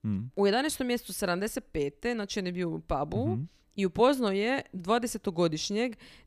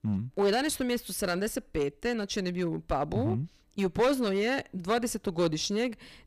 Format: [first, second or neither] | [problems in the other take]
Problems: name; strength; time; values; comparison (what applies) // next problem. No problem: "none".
first | distortion; slight; 6% of the sound clipped